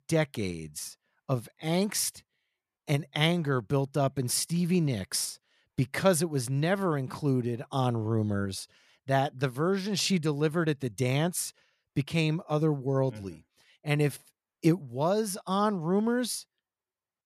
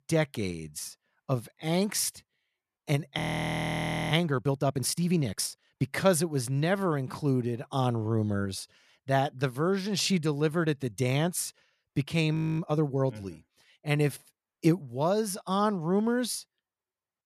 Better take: first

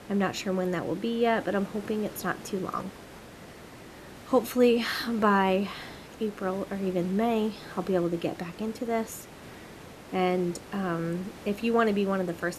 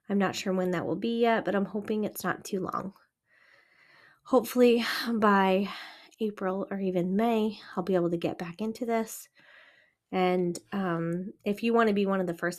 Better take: second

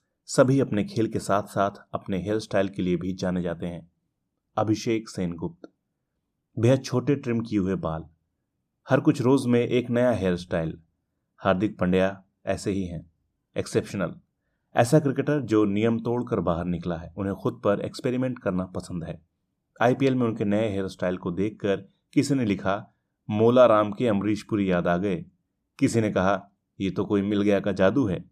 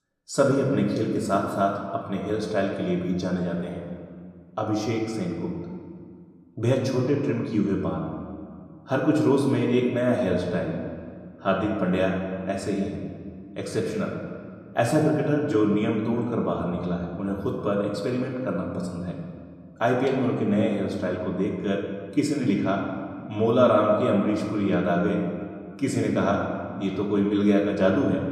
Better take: first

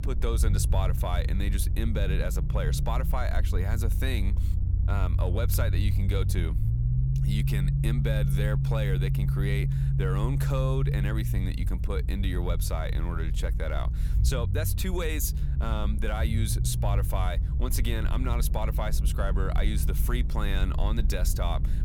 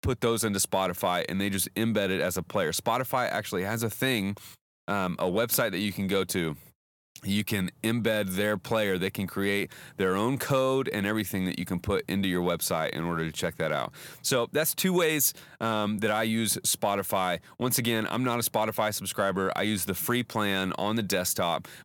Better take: second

